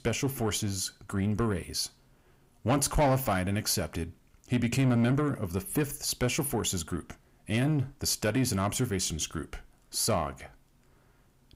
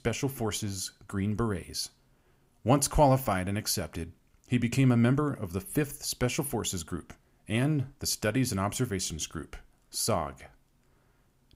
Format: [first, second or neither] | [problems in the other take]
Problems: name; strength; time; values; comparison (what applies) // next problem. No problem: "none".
second | distortion; slight; 10 dB below the speech